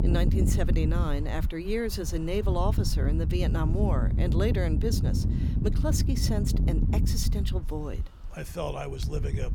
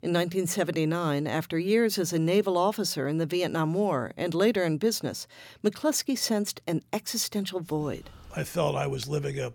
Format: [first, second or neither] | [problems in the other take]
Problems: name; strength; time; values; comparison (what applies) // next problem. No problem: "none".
second | wind noise on the microphone; heavy; 6 dB below the speech